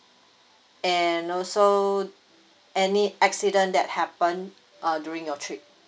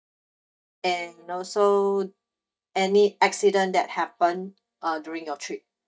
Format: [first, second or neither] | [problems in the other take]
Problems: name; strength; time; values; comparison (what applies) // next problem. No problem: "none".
first | noise reduction (neural mask model DeepFilterNet 3)